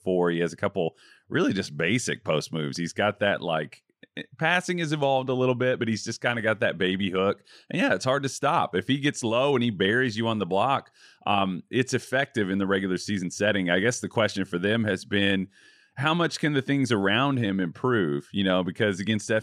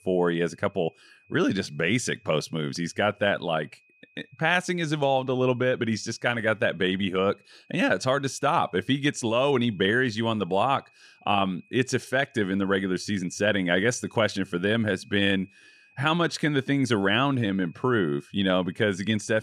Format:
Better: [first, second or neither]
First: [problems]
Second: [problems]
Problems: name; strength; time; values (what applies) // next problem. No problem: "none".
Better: first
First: none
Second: high-pitched whine; faint; throughout; 2.5 kHz, 35 dB below the speech